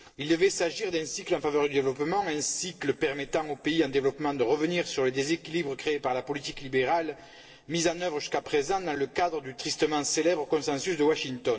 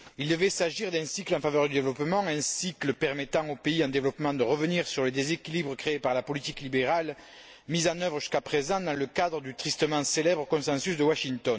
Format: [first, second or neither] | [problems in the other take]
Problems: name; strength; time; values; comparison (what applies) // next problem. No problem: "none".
second | noise reduction (neural separator model SepFormer DNS4)